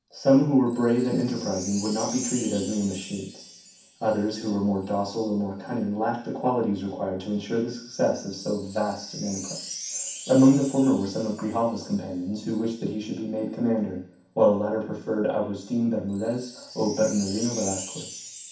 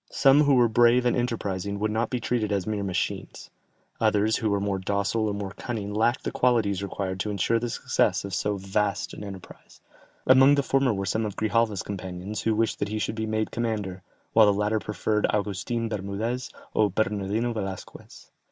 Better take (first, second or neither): second